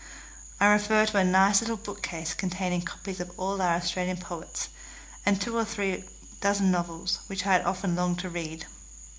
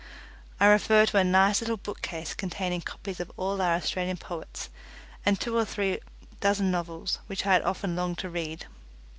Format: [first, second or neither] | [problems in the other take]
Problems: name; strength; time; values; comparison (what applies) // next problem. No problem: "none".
second | background sound (Frog); 19 dB below the speech // room echo; dies away in 0.4 s